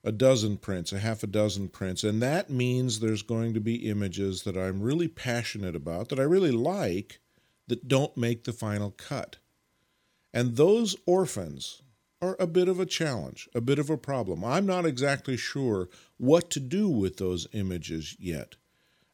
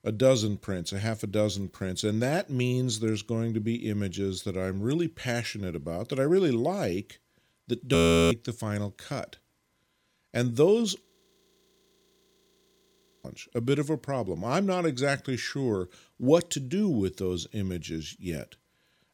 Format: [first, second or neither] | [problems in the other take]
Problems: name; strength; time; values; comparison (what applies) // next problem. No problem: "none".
first | audio freezing; at 8 s and at 11 s for 2 s